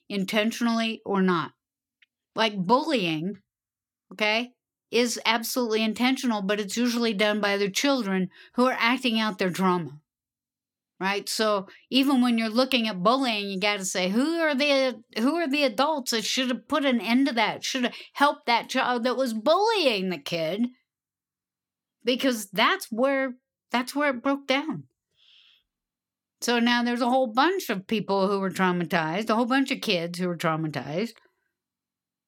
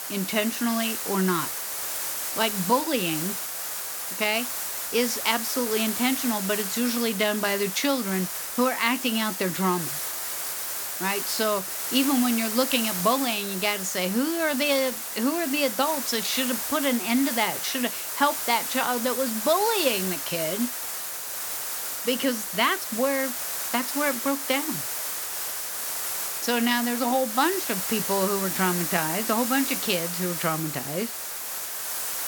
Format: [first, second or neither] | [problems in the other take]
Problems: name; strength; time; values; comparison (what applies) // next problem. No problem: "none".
first | hiss; loud; throughout; 2 dB below the speech